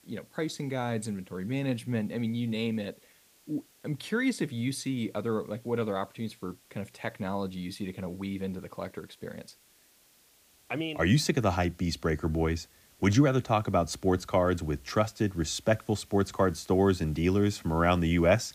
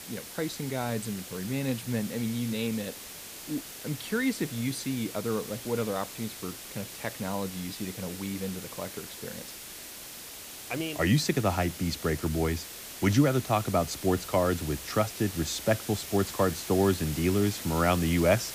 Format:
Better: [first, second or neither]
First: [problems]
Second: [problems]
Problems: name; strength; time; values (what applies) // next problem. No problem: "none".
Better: first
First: hiss; faint; throughout; 30 dB below the speech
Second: hiss; loud; throughout; 10 dB below the speech